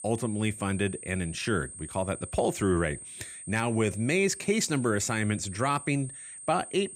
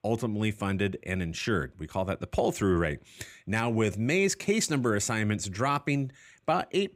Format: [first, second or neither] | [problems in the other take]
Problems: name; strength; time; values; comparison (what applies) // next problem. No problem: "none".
second | high-pitched whine; noticeable; throughout; 8.5 kHz, 10 dB below the speech